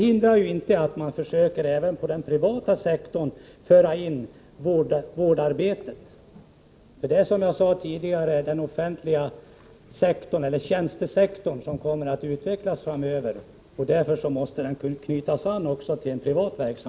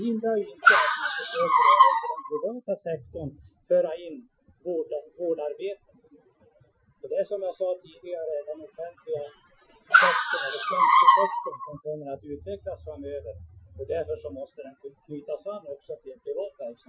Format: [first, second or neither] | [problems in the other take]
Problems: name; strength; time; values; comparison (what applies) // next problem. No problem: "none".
first | noise reduction (classical method Wiener filter)